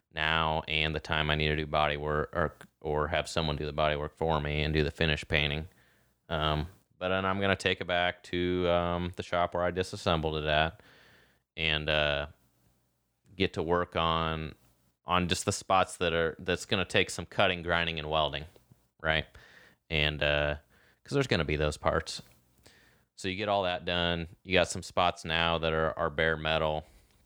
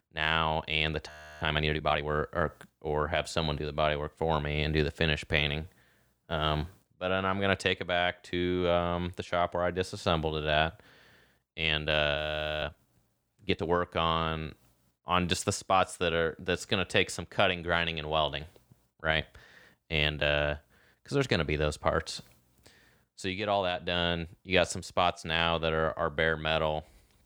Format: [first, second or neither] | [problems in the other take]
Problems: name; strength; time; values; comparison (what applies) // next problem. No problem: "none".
first | audio freezing; at 1 s and at 12 s